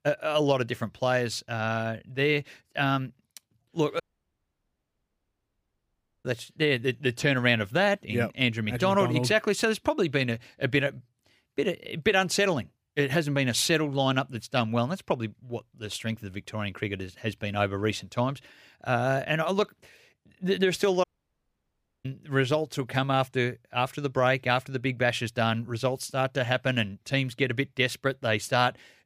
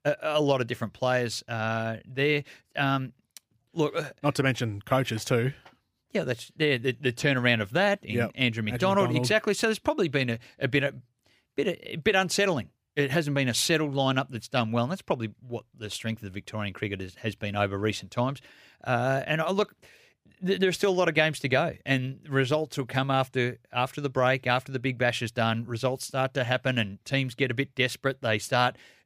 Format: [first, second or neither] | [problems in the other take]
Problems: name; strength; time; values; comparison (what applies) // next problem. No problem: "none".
second | audio cutting out; at 4 s for 2 s and at 21 s for 1 s